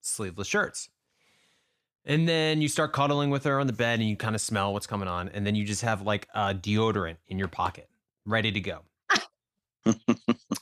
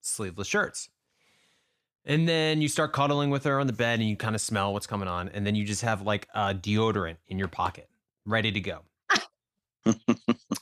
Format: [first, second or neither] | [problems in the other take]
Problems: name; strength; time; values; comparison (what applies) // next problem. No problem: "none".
neither | none